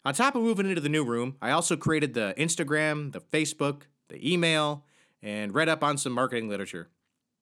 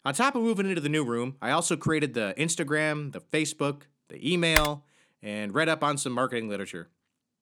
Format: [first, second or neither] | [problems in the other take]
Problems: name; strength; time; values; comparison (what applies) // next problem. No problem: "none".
first | keyboard typing; loud; at 4.5 s; peak 1 dB above the speech